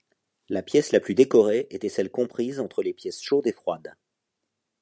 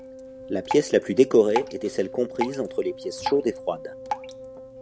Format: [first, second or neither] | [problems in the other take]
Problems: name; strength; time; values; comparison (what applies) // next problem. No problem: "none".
first | background sound (Wind instrument, woodwind instrument + Drip); 10 dB below the speech